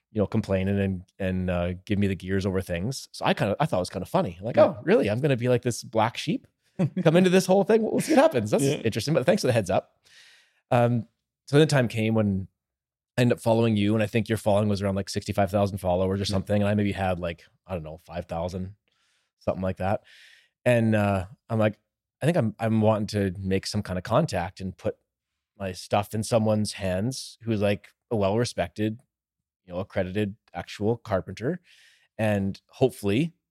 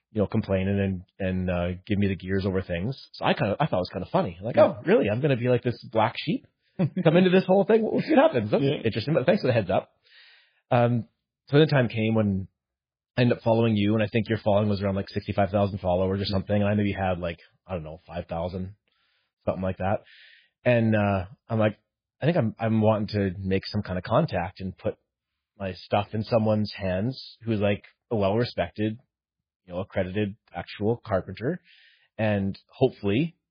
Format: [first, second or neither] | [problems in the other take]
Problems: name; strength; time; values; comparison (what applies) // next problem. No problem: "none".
first | garbled, watery; badly; nothing above 5 kHz